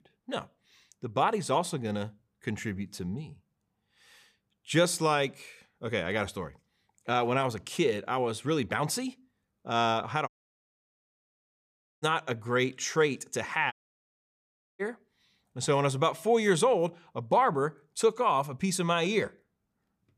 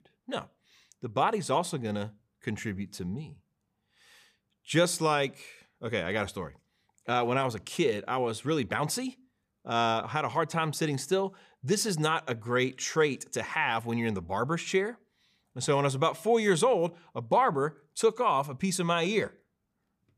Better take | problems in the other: second | audio cutting out; at 10 s for 1.5 s and at 14 s for 1 s

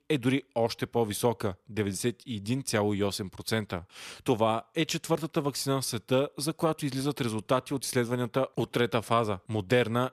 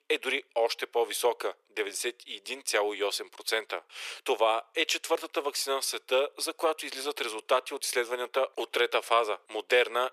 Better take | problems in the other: first | thin; very; fading below 400 Hz

